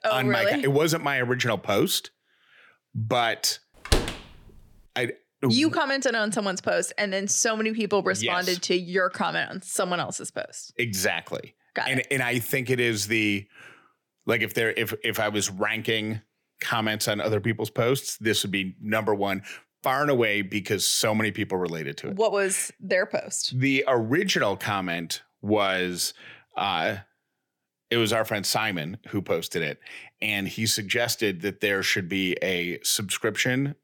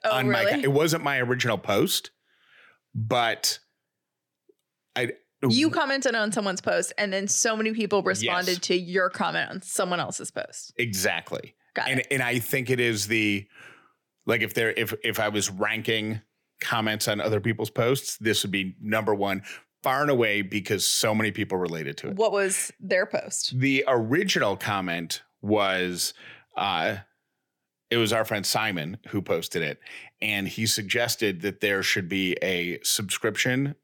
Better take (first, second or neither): second